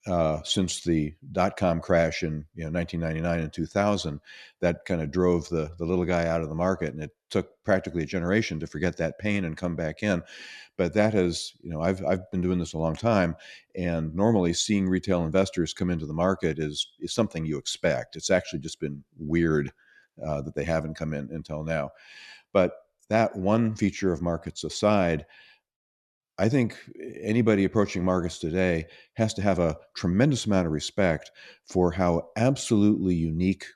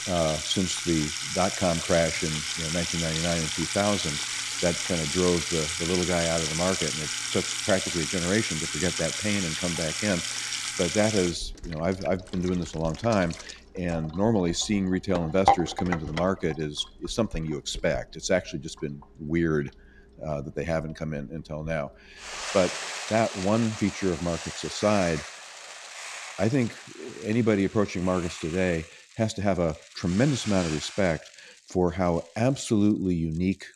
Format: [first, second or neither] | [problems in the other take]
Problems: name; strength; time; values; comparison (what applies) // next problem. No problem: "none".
first | household noises; loud; throughout; 2 dB below the speech